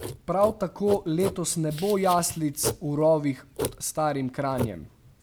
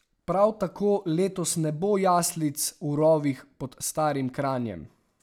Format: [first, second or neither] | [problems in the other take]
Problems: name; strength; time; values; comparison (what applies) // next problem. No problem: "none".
second | background sound (Writing); 10 dB below the speech